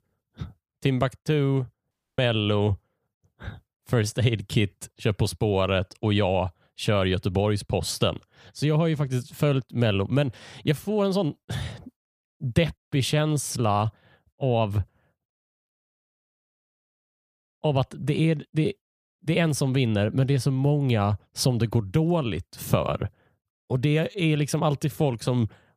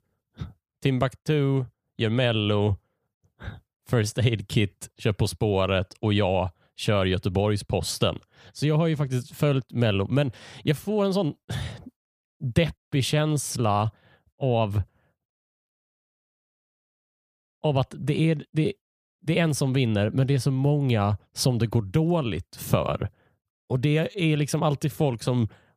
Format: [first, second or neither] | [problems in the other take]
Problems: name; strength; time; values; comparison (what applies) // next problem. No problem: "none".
second | audio cutting out; at 2 s